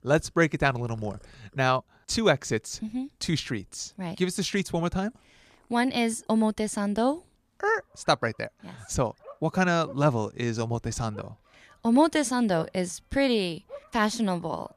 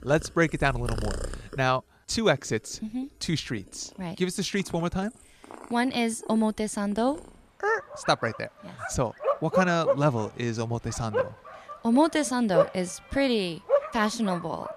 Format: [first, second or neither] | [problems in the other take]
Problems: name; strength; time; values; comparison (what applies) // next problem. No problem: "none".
first | animal sounds; loud; throughout; 4 dB below the speech; faint in the first